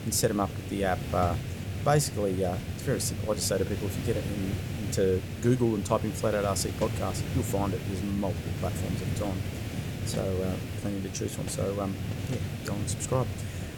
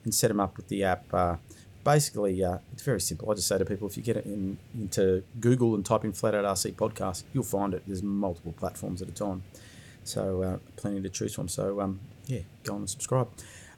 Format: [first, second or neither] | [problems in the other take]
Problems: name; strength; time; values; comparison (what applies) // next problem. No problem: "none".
second | hiss; loud; throughout; 4 dB below the speech; faint in the second